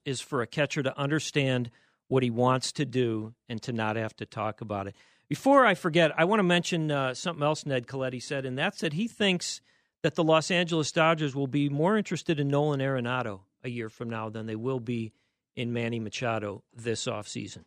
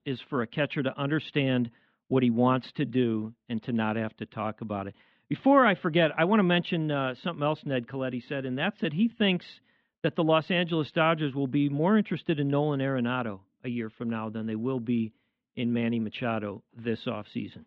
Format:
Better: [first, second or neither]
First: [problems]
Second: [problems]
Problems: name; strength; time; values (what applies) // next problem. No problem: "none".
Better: first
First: none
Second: muffled; very; fading above 3.5 kHz